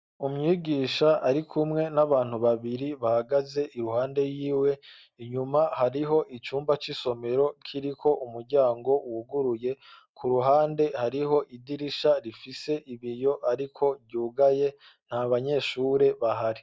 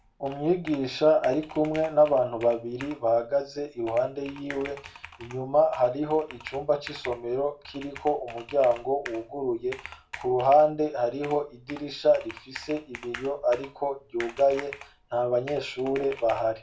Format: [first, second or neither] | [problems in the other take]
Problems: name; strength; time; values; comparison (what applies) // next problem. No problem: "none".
first | background sound (Computer keyboard); 19 dB below the speech // room echo; dies away in 0.2 s